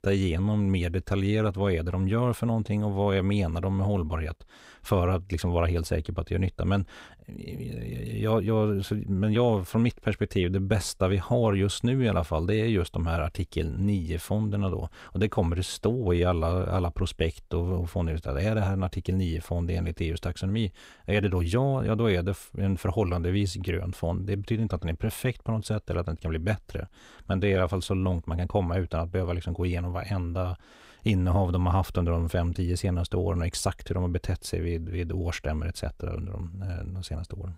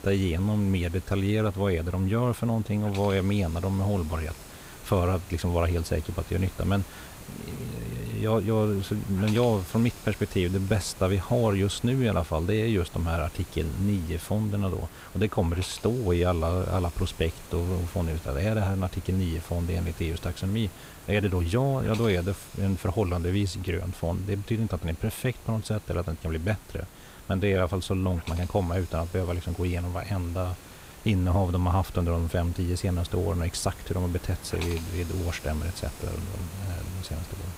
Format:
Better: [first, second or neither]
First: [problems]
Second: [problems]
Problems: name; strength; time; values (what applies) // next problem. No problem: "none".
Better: first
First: none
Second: hiss; noticeable; throughout; 15 dB below the speech